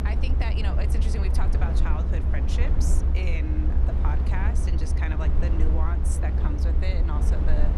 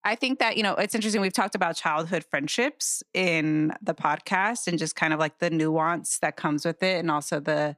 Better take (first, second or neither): second